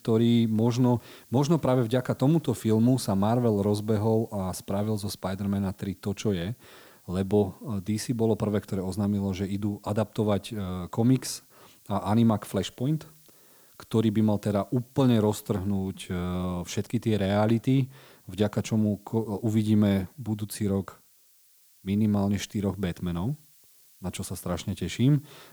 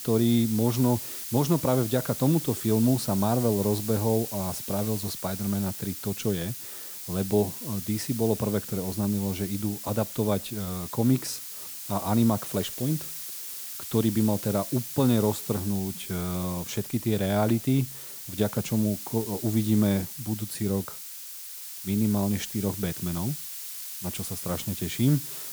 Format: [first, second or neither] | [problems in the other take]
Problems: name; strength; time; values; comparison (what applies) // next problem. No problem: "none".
first | hiss; loud; throughout; 6 dB below the speech; faint in the first